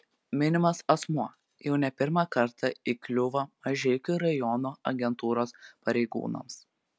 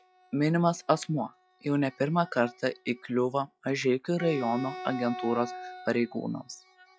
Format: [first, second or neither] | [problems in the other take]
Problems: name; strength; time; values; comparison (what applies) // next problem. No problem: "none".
first | noise reduction (classical method log-MMSE)